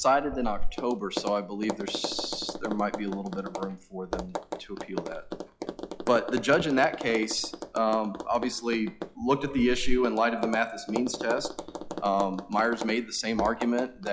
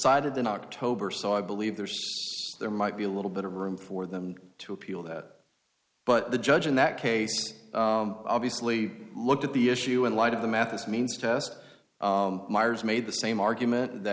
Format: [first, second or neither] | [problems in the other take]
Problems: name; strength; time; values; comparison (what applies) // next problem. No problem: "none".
second | noise reduction (classical method log-MMSE)